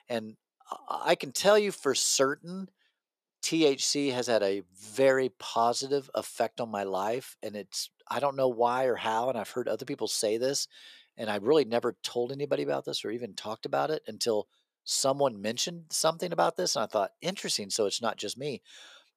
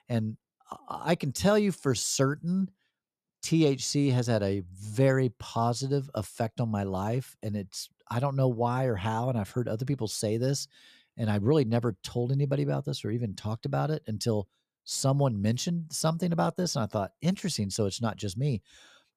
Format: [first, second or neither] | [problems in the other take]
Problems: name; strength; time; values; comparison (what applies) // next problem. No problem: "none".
second | thin; somewhat; fading below 450 Hz